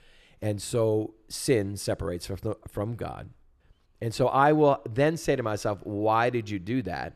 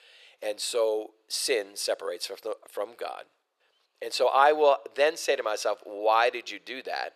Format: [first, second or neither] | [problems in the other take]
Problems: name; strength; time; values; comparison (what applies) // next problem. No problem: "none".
first | thin; very; fading below 500 Hz